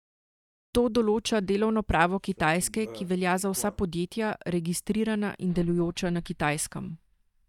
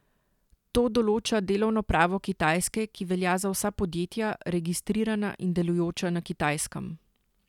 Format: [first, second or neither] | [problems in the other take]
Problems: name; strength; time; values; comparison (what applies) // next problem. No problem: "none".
second | noise reduction (neural mask model DeepFilterNet 3)